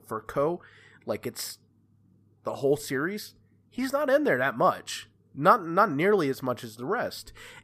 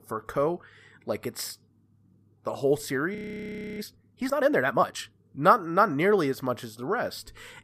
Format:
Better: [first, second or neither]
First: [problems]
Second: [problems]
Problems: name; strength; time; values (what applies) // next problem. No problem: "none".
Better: first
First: none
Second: audio freezing; at 3 s for 0.5 s